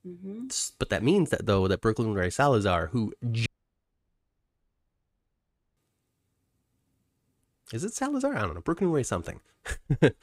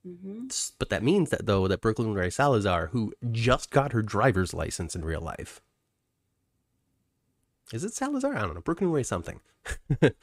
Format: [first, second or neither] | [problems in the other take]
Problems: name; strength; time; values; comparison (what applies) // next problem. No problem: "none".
second | audio cutting out; at 3.5 s for 2.5 s